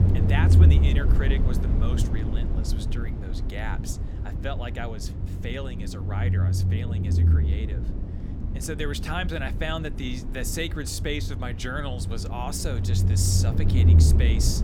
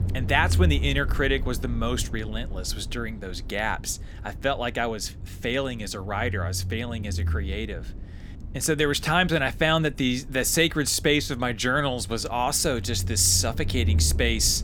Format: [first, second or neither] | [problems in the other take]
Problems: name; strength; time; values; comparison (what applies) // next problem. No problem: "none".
second | low rumble; loud; throughout; 4 dB below the speech; faint in the second